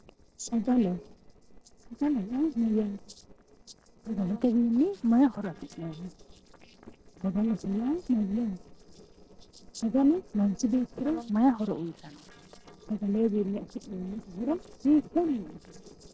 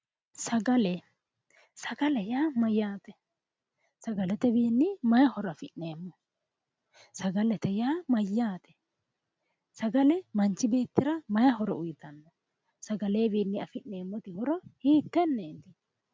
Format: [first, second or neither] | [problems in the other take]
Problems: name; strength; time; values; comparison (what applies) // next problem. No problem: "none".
second | noise reduction (neural separator model SepFormer DNS4)